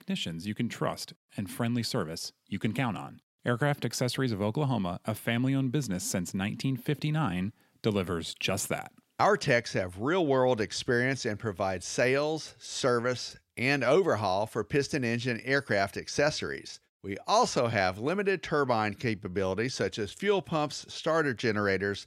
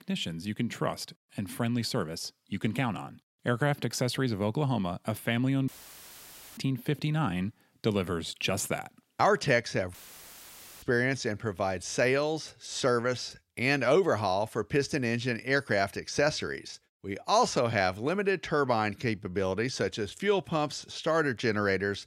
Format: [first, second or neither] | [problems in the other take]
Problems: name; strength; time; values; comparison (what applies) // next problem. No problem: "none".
first | audio cutting out; filled with static; at 5.5 s for 1 s and at 10 s for 1 s